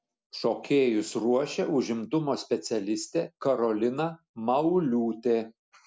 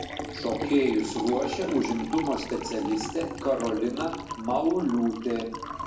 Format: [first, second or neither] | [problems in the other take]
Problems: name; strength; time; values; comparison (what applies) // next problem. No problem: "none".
first | background sound (Liquid); 8 dB below the speech // room echo; dies away in 0.7 s